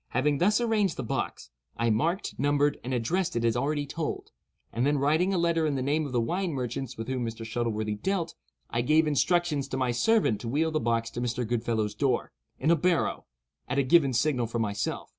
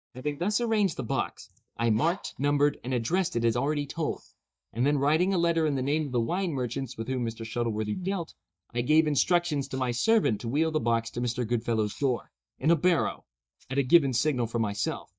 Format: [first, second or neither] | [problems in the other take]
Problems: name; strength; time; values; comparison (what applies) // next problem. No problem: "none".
first | noise reduction (neural mask model DeepFilterNet 3)